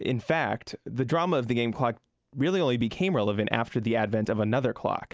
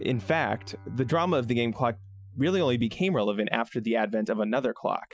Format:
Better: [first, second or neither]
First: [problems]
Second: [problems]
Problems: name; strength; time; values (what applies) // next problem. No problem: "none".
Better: first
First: none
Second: noise reduction (classical method Wiener filter)